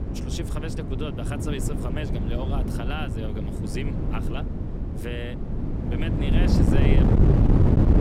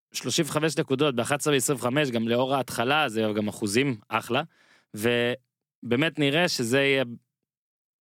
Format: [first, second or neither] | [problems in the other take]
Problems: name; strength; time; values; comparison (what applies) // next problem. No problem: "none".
second | wind noise on the microphone; heavy; 3 dB above the speech